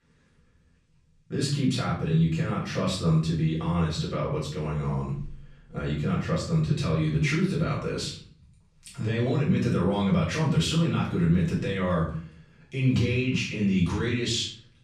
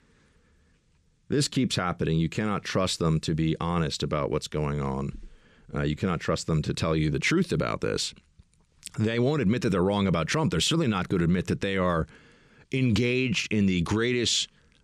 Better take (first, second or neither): second